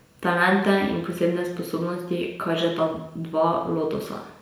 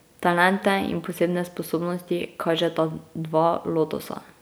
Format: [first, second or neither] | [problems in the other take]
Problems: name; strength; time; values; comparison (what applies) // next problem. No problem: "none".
second | room echo; dies away in 0.7 s